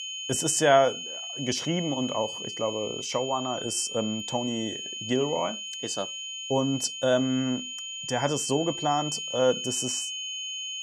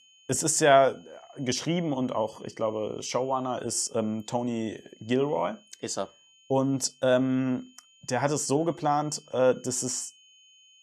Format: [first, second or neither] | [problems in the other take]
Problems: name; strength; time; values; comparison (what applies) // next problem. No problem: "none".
second | high-pitched whine; loud; throughout; 3 kHz, 6 dB below the speech; faint in the second